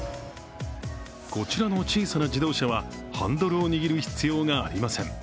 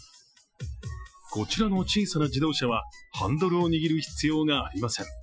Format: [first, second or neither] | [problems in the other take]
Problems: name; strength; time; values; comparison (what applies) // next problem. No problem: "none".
first | noise reduction (classical method Wiener filter)